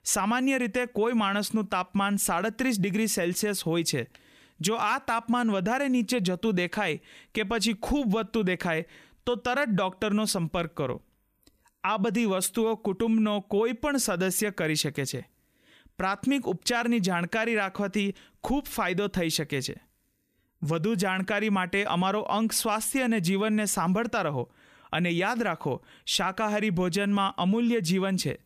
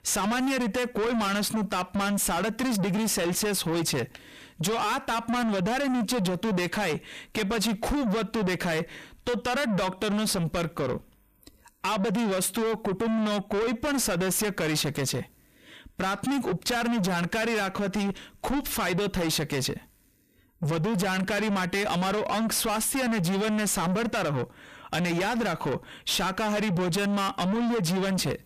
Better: first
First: none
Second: distortion; heavy; 6 dB below the speech

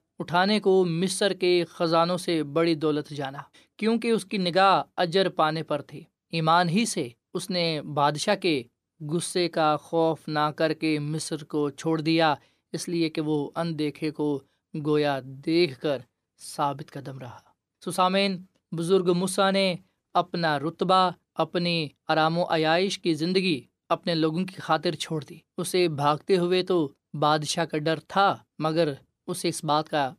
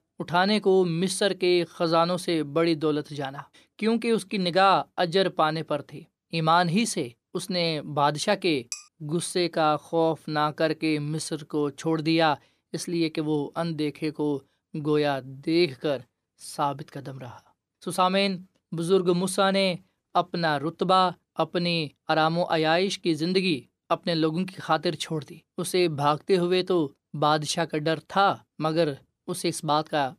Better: first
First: none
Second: clattering dishes; faint; at 8.5 s; peak 10 dB below the speech

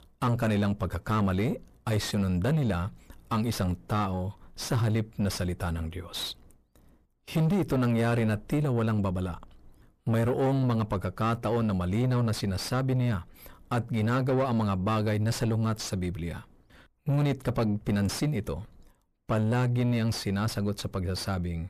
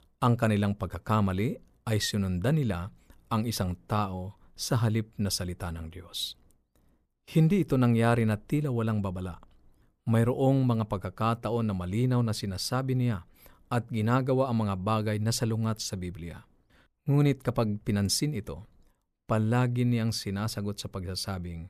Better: second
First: distortion; heavy; 7 dB below the speech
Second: none

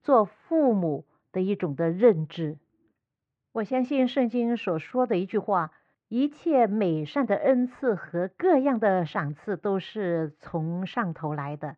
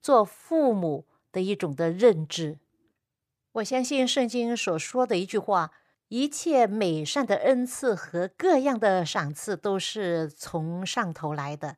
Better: second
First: muffled; very; fading above 2.5 kHz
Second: none

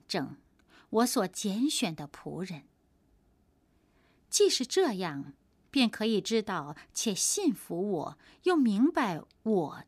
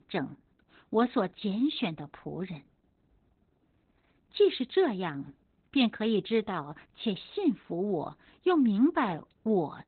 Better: first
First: none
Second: garbled, watery; badly; nothing above 4 kHz

